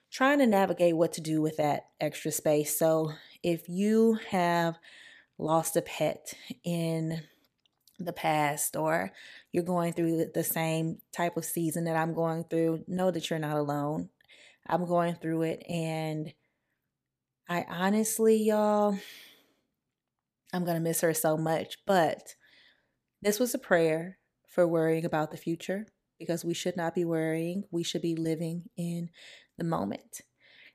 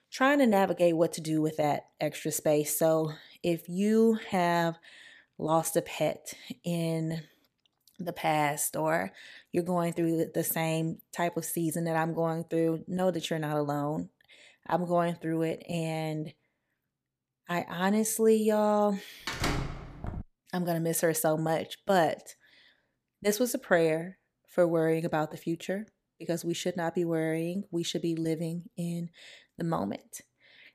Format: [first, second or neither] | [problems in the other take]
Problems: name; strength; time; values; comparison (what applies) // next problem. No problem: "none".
first | door banging; noticeable; at 19 s; peak 2 dB below the speech